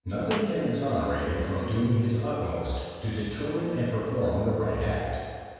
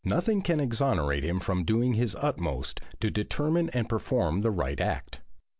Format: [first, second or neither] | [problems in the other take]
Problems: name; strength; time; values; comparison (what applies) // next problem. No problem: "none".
second | background sound (Clapping); 18 dB below the speech // room echo; dies away in 1.9 s